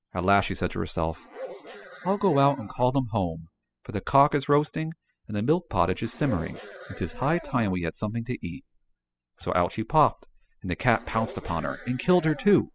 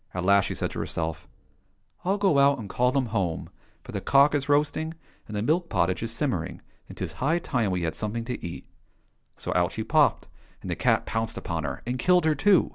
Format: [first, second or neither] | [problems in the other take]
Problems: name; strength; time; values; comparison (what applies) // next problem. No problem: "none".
second | noise reduction (classical method spectral subtraction)